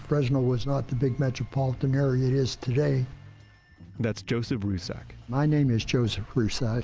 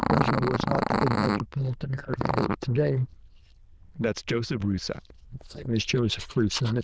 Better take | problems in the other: first | noise reduction (neural diffusion model UNIVERSE++)

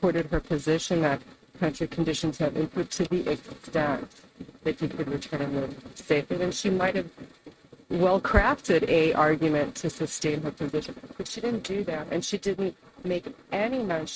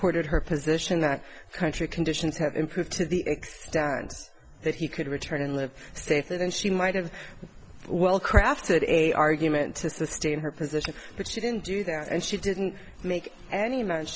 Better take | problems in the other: second | noise reduction (neural mask model RNNoise)

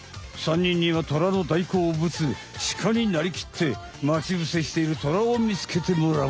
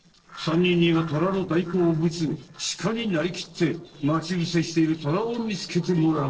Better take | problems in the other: first | noise reduction (neural separator model SepFormer DNS4)

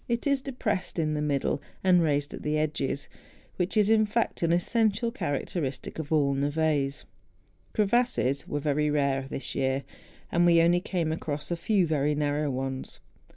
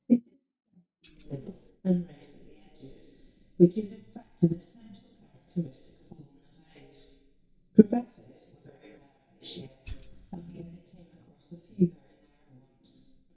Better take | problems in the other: first | noise reduction (neural mask model DeepFilterNet 3)

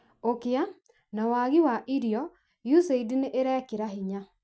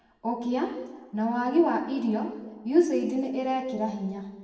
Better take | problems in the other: first | room echo; dies away in 1.1 s

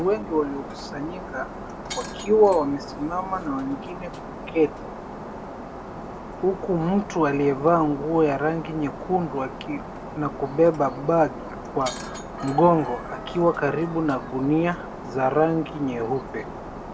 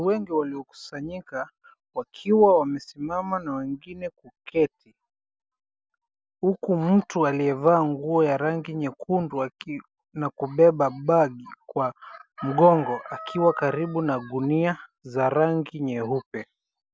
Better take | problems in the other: second | background sound (Shatter); 11 dB below the speech // room echo; dies away in 1.1 s

